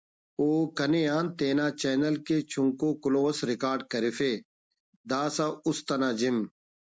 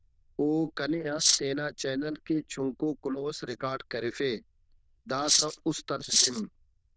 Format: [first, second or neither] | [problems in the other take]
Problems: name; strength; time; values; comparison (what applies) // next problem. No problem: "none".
first | noise reduction (neural diffusion model UNIVERSE++)